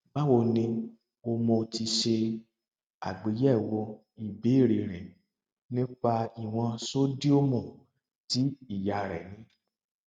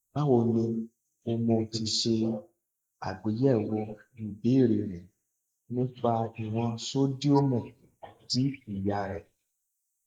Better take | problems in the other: first | noise reduction (neural mask model Resemble Enhance denoiser)

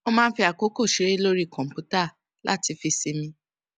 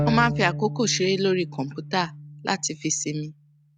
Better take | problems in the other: first | background sound (Bowed string instrument); 7 dB below the speech

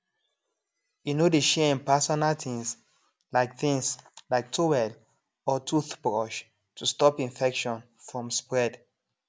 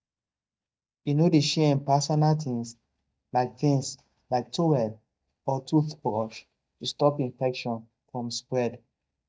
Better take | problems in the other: first | noise reduction (neural mask model DeepFilterNet 3)

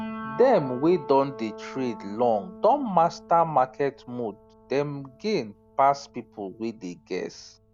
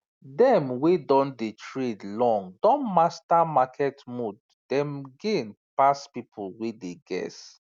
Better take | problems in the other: second | background sound (Piano); 16 dB below the speech

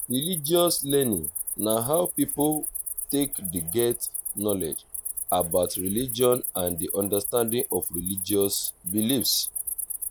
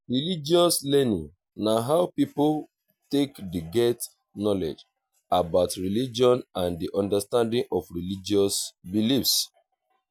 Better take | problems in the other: second | background sound (Cricket); 5 dB below the speech

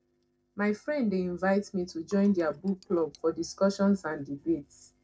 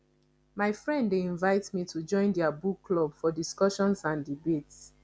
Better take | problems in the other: second | noise reduction (neural separator model SepFormer DNS4)

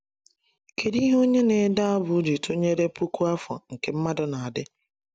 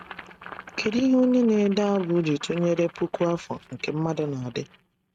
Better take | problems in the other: first | noise reduction (neural mask model RNNoise)

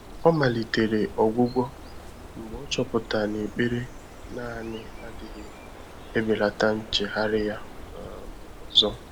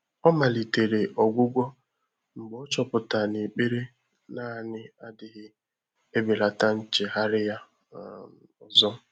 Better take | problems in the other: second | background sound (Bird); 13 dB below the speech

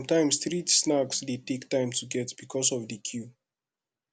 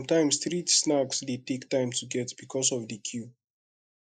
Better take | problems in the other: first | noise reduction (neural mask model Resemble Enhance denoiser)

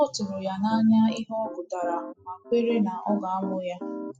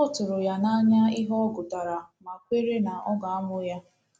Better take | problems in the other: second | noise reduction (classical method spectral subtraction)

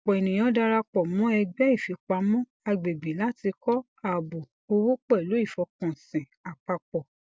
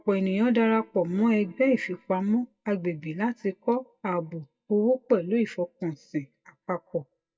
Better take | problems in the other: first | noise reduction (neural mask model DeepFilterNet 3)

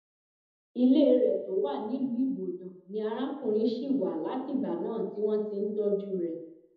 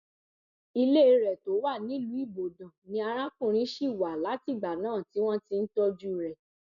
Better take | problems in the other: second | room echo; dies away in 0.8 s

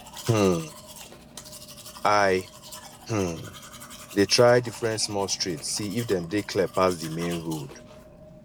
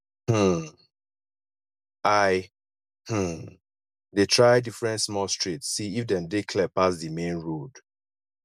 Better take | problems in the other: second | background sound (Domestic sounds, home sounds); 17 dB below the speech

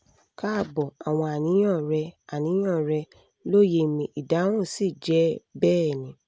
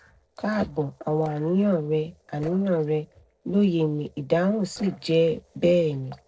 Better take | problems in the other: first | noise reduction (neural separator model SepFormer DNS4)

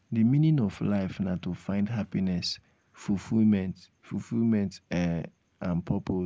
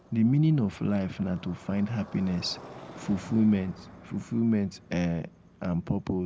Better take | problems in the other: first | background sound (Motorcycle); 20 dB below the speech

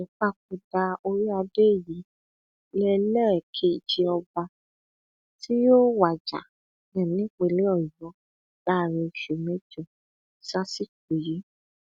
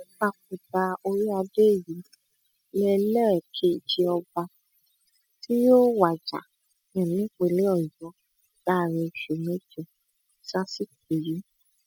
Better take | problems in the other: first | noise reduction (classical method spectral subtraction)

